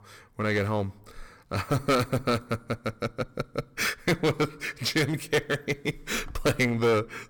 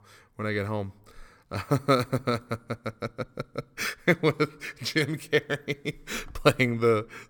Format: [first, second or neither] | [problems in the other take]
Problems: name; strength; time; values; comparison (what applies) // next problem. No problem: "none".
second | distortion; heavy; 8% of the sound clipped